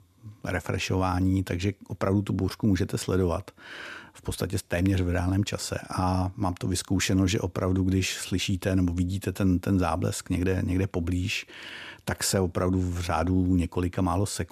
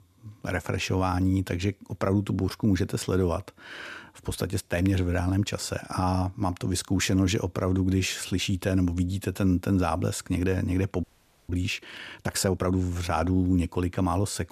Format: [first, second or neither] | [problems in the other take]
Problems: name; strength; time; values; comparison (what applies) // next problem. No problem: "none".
first | audio freezing; at 11 s